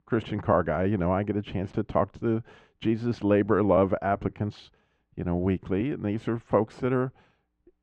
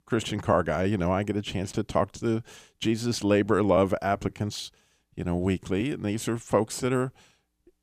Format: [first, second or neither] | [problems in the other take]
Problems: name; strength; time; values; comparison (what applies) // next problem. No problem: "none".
second | muffled; very; fading above 2 kHz